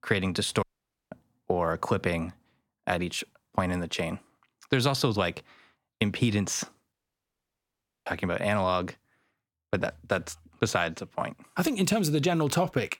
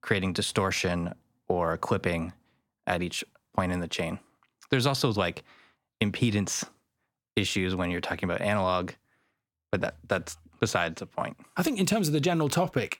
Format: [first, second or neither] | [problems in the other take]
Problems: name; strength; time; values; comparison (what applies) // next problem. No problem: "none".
second | audio cutting out; at 0.5 s and at 7 s for 1 s